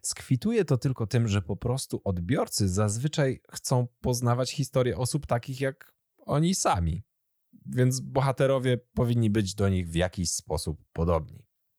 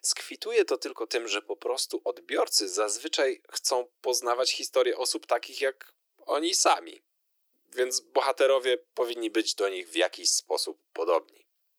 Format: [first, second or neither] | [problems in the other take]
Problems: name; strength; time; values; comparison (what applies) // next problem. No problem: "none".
first | thin; very; fading below 300 Hz